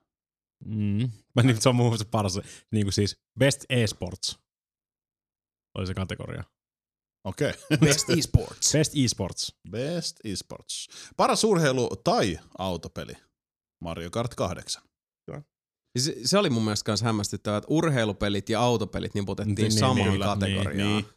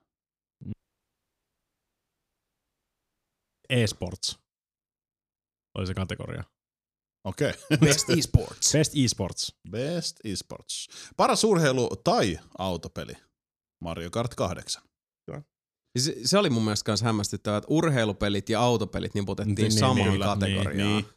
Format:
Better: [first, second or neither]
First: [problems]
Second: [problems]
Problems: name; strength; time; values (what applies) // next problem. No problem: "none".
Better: first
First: none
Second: audio cutting out; at 0.5 s for 3 s